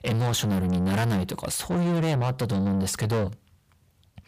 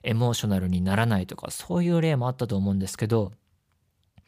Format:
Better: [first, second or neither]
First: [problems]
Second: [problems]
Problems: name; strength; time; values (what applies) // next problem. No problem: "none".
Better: second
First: distortion; heavy; 8 dB below the speech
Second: none